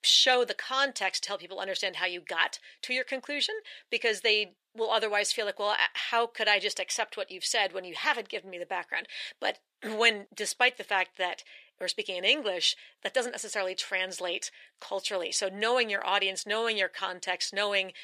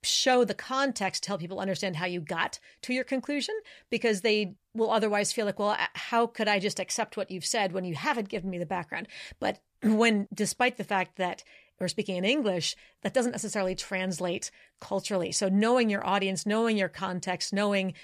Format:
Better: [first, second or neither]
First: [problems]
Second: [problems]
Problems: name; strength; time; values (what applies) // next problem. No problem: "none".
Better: second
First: thin; very; fading below 400 Hz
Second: none